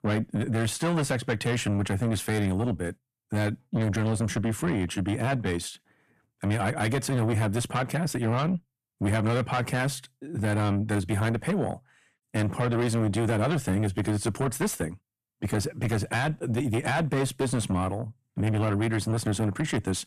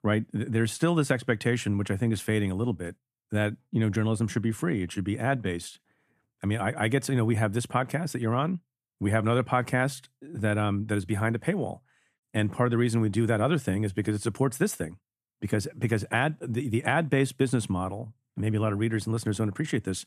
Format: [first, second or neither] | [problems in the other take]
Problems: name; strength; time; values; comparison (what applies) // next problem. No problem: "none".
second | distortion; heavy; 7 dB below the speech